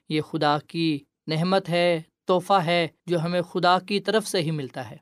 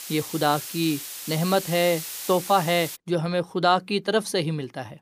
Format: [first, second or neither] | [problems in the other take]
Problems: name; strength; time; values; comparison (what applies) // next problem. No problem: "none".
first | hiss; loud; until 3 s; 9 dB below the speech